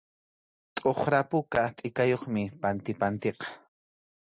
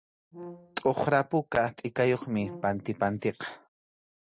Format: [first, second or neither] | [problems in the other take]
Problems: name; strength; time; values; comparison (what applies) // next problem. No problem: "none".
first | background sound (Brass instrument); 18 dB below the speech